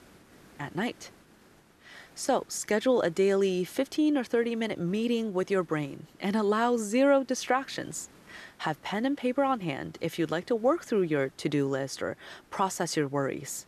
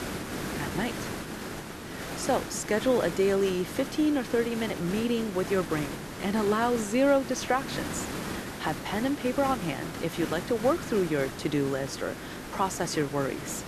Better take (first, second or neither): first